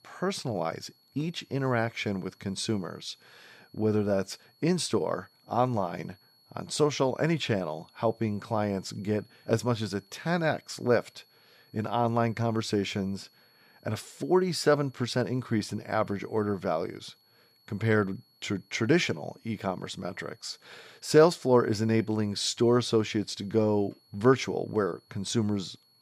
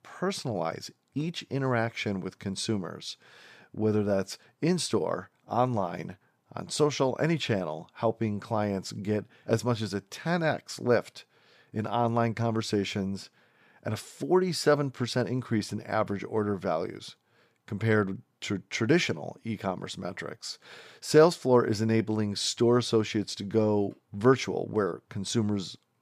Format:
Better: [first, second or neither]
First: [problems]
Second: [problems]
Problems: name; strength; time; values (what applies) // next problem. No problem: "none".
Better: second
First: high-pitched whine; faint; throughout; 4.5 kHz, 35 dB below the speech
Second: none